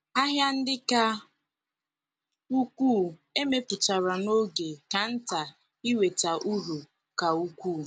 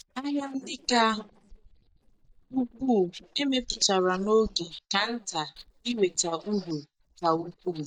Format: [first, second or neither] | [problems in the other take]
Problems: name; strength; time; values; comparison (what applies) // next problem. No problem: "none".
first | noise reduction (neural mask model DeepFilterNet 3)